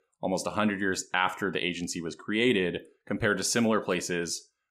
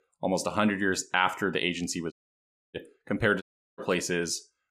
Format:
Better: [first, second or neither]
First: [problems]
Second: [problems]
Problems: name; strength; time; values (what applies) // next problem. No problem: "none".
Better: first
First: none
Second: audio cutting out; at 2 s for 0.5 s and at 3.5 s